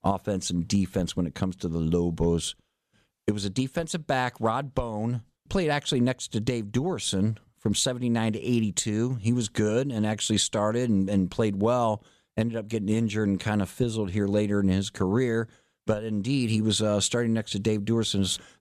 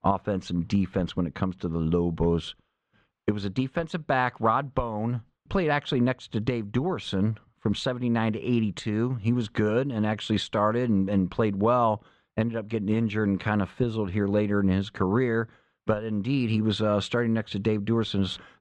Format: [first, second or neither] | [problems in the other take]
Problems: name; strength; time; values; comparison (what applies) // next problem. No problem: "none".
first | muffled; slightly; fading above 2.5 kHz